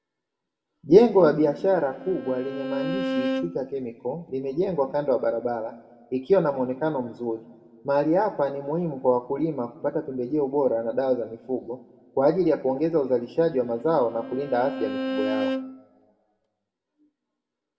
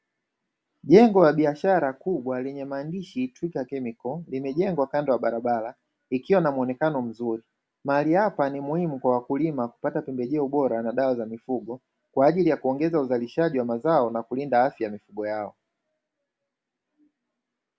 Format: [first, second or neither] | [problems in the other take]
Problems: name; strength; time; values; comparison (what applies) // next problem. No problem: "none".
second | background sound (Bowed string instrument); 7 dB below the speech // room echo; dies away in 1 s